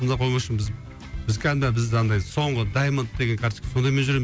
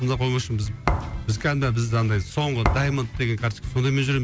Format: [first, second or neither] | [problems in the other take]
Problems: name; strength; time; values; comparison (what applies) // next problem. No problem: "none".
first | background sound (Thump, thud); 5 dB below the speech